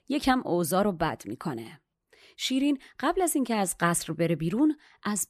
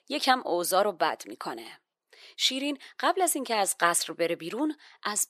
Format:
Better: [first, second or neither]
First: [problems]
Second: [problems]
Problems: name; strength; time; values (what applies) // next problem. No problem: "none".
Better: first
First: none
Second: thin; somewhat; fading below 550 Hz